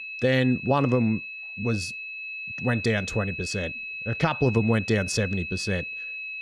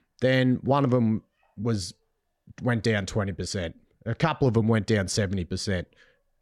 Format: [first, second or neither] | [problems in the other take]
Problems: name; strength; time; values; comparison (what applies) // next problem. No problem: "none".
second | high-pitched whine; loud; throughout; 2.5 kHz, 7 dB below the speech